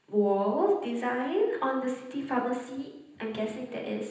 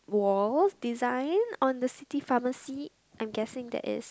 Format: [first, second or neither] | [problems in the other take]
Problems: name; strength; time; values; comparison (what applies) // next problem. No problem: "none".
second | room echo; dies away in 0.9 s